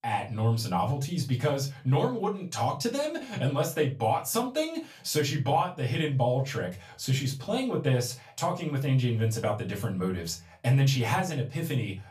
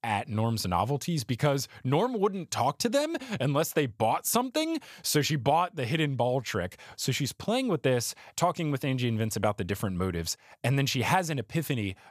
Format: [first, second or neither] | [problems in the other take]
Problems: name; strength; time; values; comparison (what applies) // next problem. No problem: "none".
second | off-mic speech; far // room echo; very slight; dies away in 0.3 s